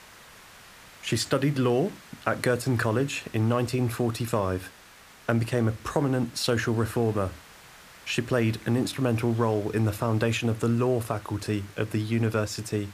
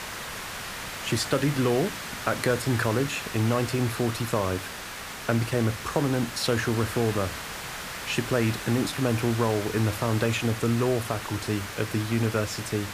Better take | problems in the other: first | hiss; loud; throughout; 8 dB below the speech; faint in the first

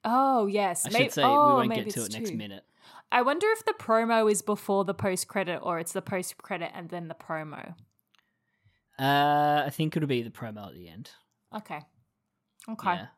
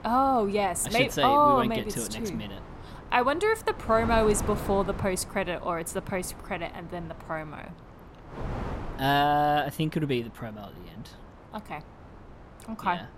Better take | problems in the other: first | wind noise on the microphone; occasional gusts; 20 dB below the speech

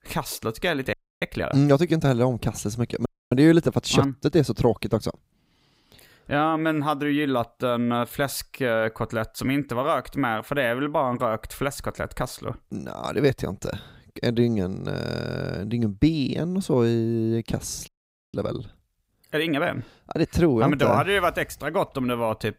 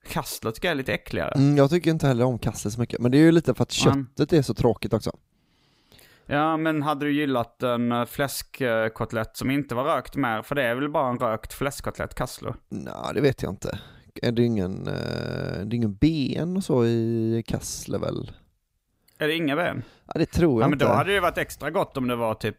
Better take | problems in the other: second | audio freezing; at 1 s, at 3 s and at 18 s

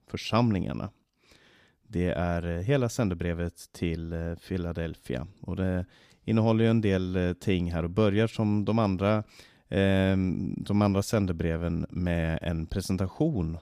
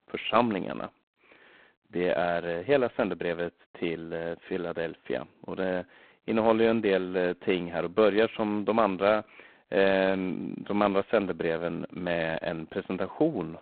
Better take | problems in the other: first | phone-call audio; poor line; nothing above 4 kHz

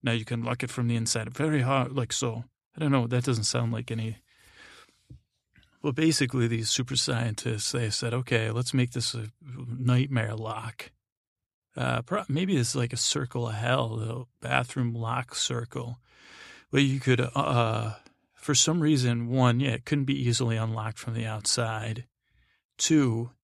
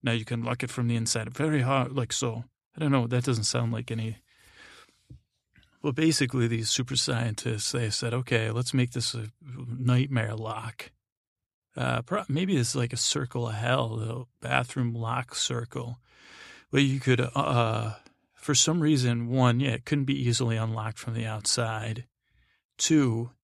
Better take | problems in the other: neither | none

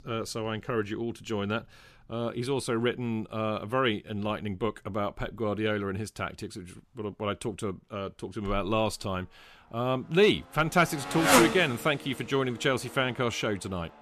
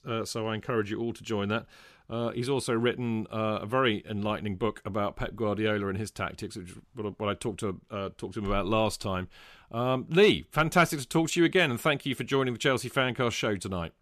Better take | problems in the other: second | traffic noise; very loud; throughout; 3 dB above the speech

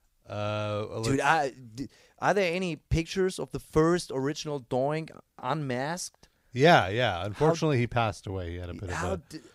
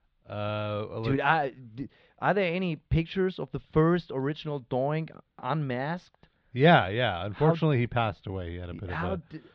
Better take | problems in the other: first | muffled; very; fading above 3.5 kHz

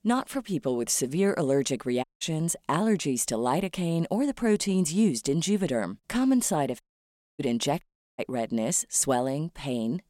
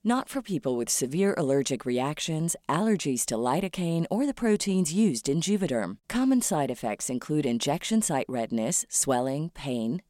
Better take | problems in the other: second | audio cutting out; at 2 s, at 7 s for 0.5 s and at 8 s

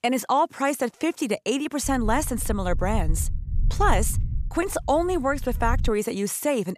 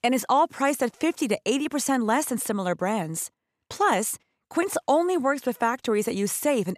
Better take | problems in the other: second | low rumble; faint; from 2 to 6 s; 25 dB below the speech

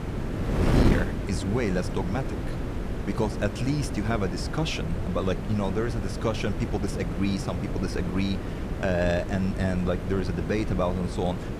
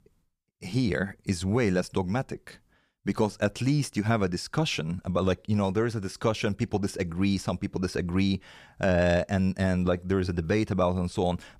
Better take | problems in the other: second | wind noise on the microphone; heavy; 5 dB below the speech

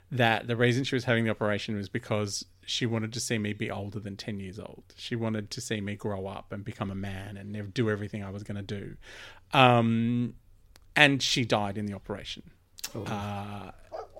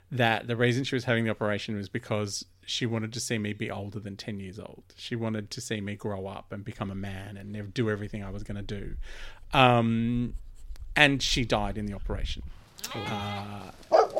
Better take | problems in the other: first | animal sounds; loud; from 6.5 s on; 5 dB below the speech; faint in the first

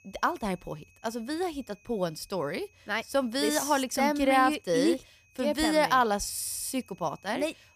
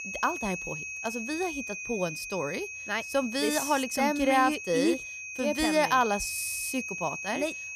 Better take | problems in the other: first | high-pitched whine; loud; throughout; 2.5 kHz, 7 dB below the speech; faint in the first

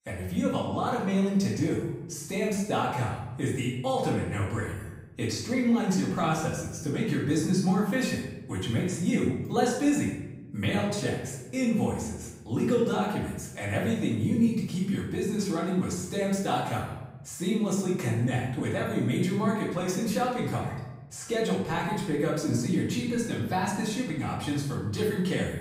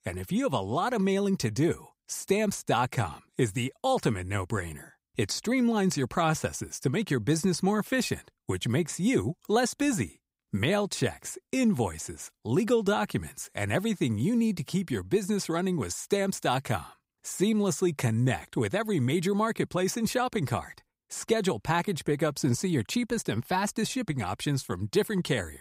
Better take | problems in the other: second | off-mic speech; far // room echo; noticeable; dies away in 0.9 s

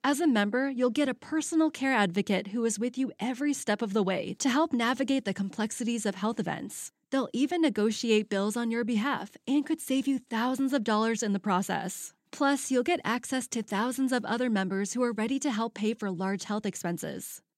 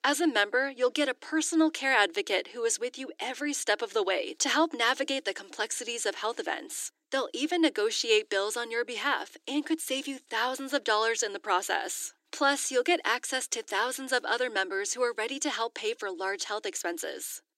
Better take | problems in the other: first | thin; somewhat; fading below 300 Hz

